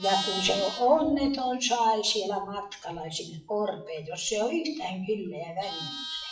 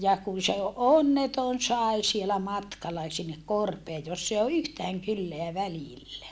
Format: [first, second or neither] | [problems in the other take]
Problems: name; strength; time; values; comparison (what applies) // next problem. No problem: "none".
second | noise reduction (classical method WPE with log-MMSE)